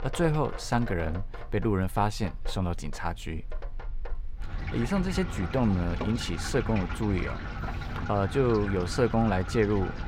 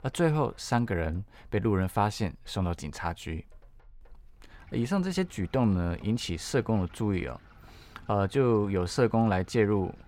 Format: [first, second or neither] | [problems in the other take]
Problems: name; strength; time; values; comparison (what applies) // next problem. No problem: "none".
second | household noises; loud; throughout; 9 dB below the speech; faint in the second